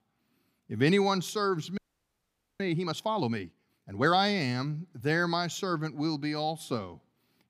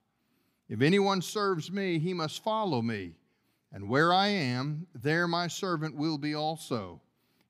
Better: second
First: audio freezing; at 2 s for 1 s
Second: none

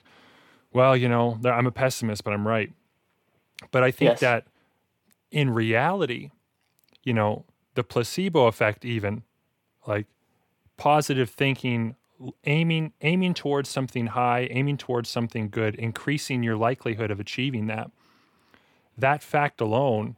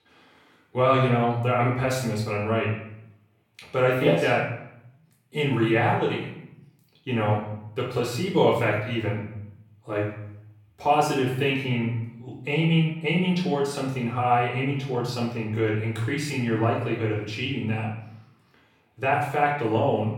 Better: first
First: none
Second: off-mic speech; far // room echo; noticeable; dies away in 0.7 s

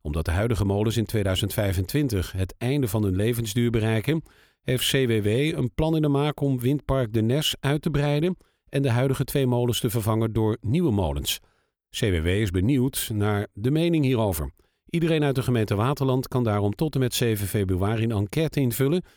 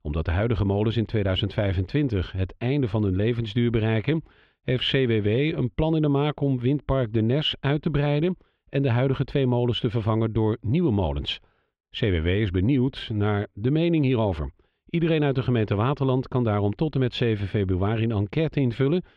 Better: first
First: none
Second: muffled; slightly; fading above 3.5 kHz

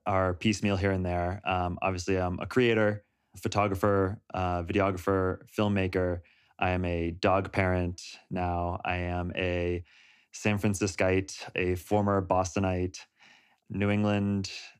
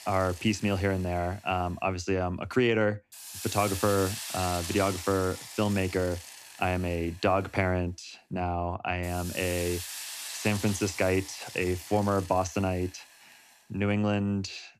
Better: first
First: none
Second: hiss; loud; throughout; 10 dB below the speech

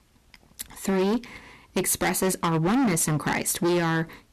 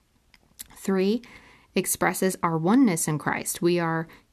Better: second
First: distortion; heavy; 17% of the sound clipped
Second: none

